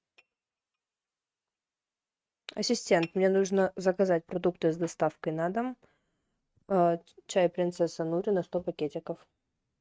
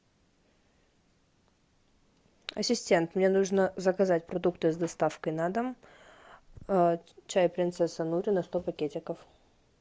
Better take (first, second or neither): second